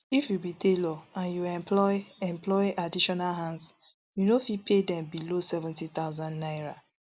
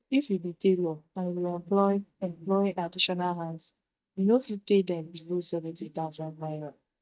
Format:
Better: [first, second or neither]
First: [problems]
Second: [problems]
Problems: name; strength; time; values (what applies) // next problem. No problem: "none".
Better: first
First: none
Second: noise reduction (neural mask model DeepFilterNet 3)